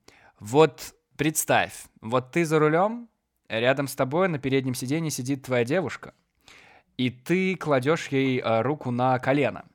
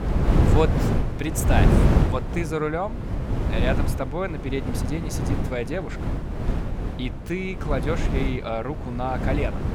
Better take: first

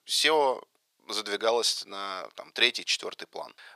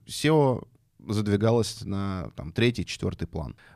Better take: second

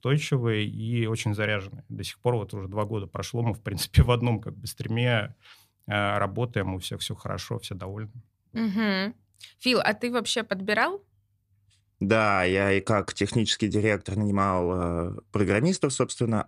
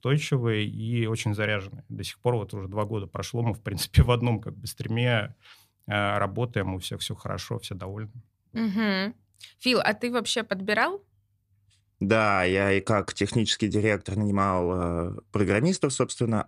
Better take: neither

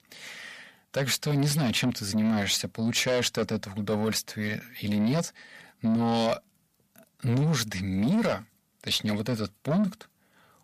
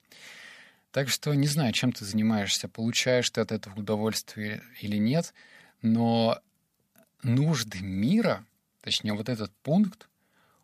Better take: second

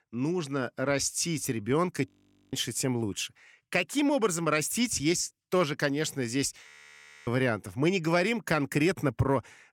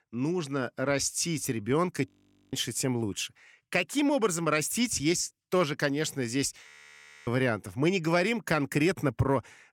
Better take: neither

